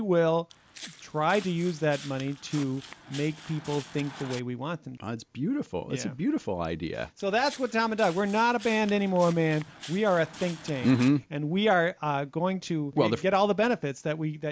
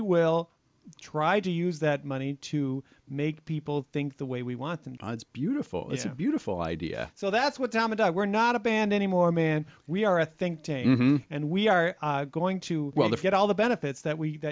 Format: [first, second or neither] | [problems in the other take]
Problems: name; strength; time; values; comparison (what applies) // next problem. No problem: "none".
second | background sound (Walk, footsteps); 18 dB below the speech